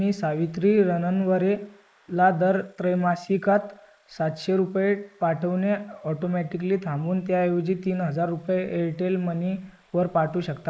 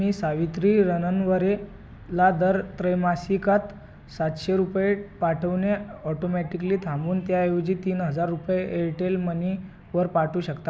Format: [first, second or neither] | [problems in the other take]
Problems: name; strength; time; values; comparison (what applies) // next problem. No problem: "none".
second | noise reduction (neural mask model Resemble Enhance denoiser)